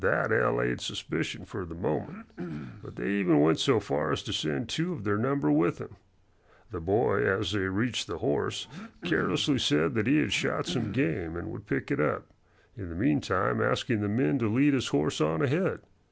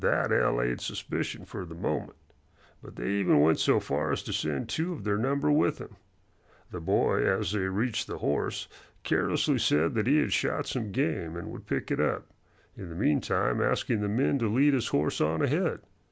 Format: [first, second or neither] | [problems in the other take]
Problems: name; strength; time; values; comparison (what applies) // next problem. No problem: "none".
second | background sound (Cough); 13 dB below the speech